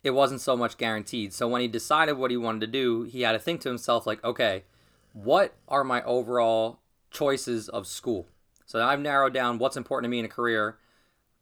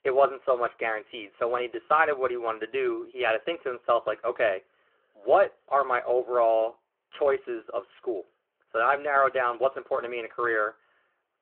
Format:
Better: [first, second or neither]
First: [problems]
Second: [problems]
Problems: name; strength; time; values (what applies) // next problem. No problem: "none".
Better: first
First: none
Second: phone-call audio